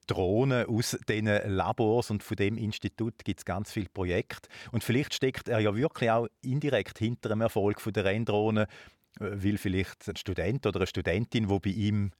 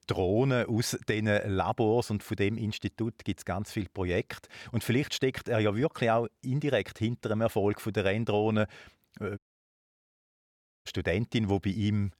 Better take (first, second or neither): first